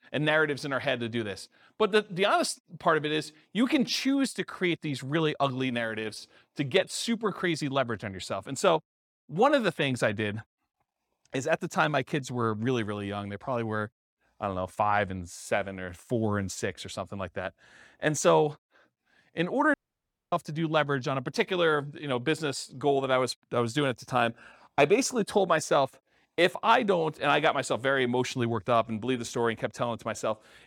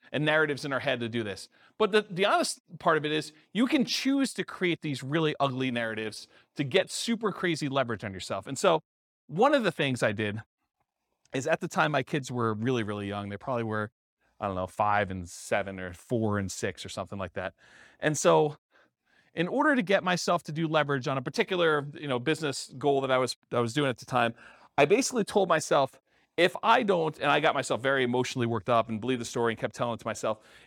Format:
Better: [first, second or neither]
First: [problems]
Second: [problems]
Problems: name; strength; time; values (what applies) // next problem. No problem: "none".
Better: second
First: audio cutting out; at 20 s for 0.5 s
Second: none